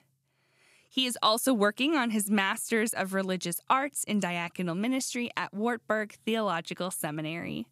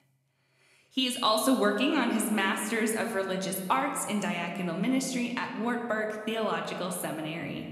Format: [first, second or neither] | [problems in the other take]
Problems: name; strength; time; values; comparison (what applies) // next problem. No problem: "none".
first | room echo; slight; dies away in 1.4 s